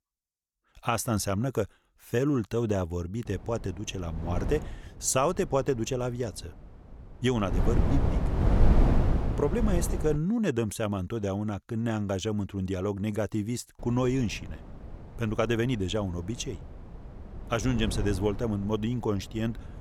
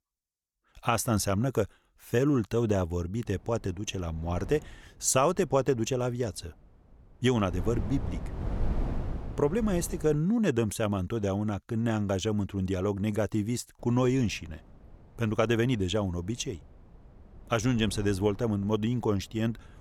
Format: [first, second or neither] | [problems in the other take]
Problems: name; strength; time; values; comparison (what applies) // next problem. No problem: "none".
second | wind noise on the microphone; heavy; from 3.5 to 10 s and from 14 s on; 5 dB below the speech; occasional gusts in the second